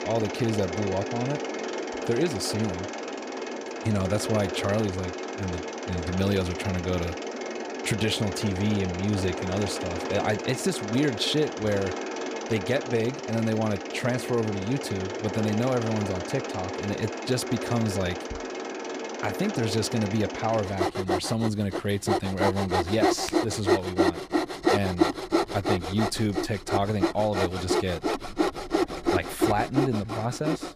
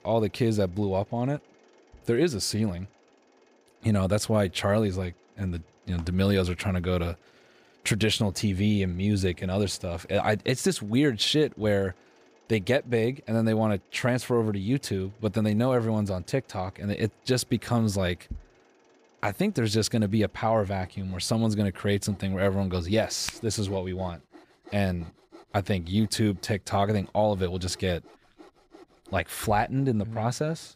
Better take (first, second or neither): second